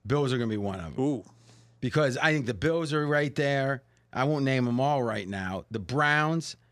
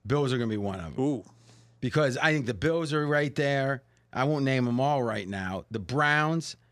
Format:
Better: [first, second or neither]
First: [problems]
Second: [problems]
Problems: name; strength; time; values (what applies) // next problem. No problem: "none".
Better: neither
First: none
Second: none